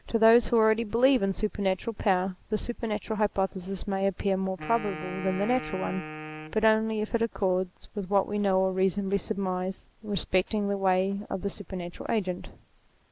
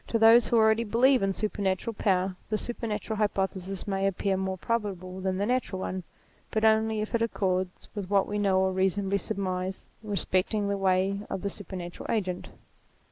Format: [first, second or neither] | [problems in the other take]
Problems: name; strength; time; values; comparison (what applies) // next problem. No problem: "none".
second | background sound (Wind instrument, woodwind instrument); 12 dB below the speech